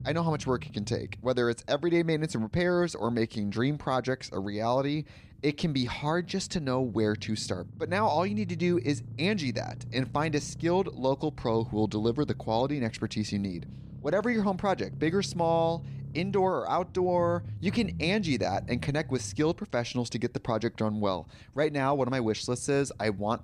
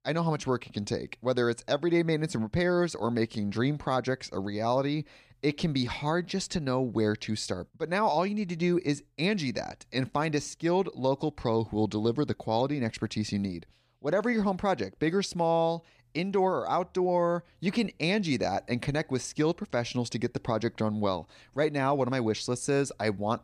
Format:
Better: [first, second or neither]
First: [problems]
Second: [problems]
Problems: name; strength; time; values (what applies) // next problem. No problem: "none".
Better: second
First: low rumble; faint; throughout; 25 dB below the speech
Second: none